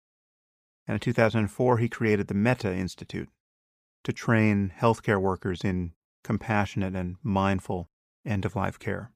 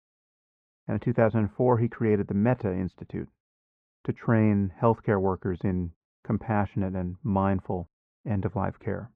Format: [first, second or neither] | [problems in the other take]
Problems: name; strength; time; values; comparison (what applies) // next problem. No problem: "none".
first | muffled; very; fading above 3.5 kHz